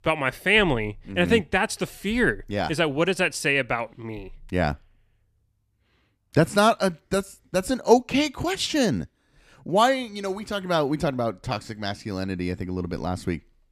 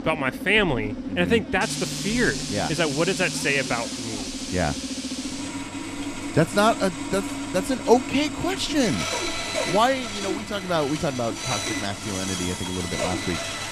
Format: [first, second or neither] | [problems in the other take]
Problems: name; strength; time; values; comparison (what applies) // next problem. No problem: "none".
first | machinery noise; loud; throughout; 5 dB below the speech